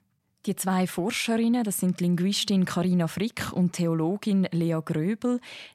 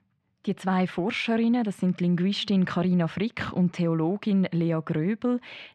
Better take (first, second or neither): first